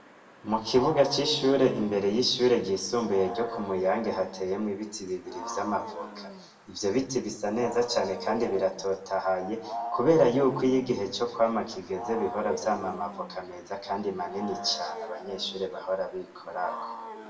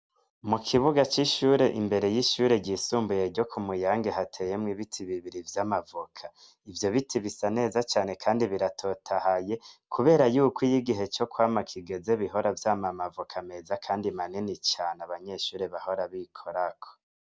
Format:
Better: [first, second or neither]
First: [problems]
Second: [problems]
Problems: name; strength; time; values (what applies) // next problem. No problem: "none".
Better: second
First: background sound (Wild animals); 12 dB below the speech // room echo; dies away in 0.7 s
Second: none